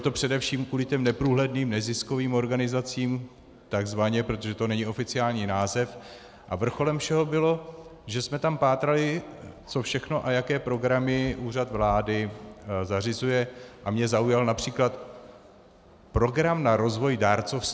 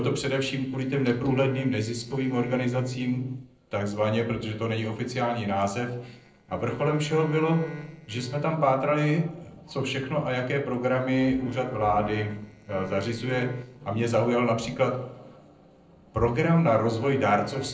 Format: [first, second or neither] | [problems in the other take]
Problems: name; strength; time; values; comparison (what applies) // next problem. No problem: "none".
first | noise reduction (neural separator model SepFormer DNS4)